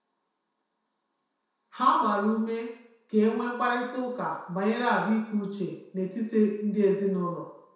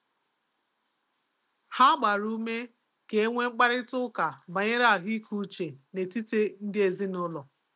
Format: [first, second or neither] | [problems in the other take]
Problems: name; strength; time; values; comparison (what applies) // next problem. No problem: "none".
second | room echo; dies away in 0.7 s